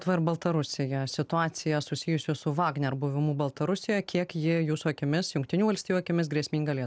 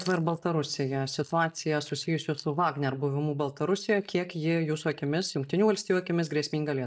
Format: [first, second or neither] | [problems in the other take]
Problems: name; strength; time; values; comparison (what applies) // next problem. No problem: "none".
first | noise reduction (neural mask model DeepFilterNet 3)